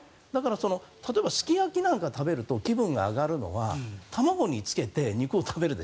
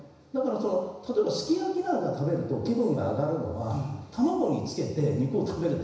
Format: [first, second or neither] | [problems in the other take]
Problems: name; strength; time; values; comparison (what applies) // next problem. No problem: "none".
first | room echo; dies away in 1 s